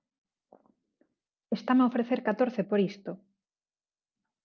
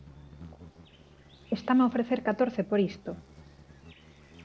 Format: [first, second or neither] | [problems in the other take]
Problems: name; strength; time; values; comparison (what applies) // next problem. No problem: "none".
first | background sound (Insect); 20 dB below the speech